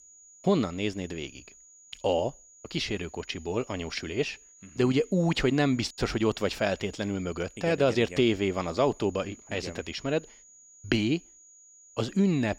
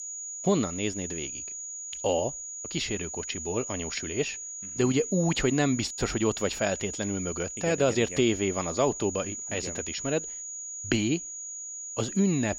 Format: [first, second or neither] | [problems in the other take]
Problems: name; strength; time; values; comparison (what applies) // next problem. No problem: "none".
first | high-pitched whine; loud; throughout; 7 kHz, 6 dB below the speech; faint in the first